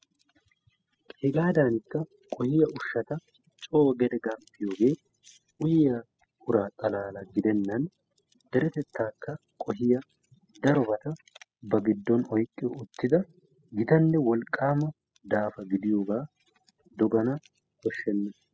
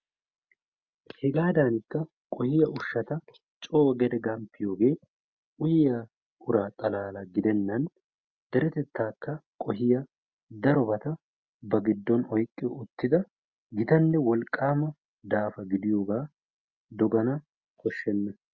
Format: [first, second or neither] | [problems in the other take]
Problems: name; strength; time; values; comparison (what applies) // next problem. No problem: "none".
second | noise reduction (classical method spectral subtraction)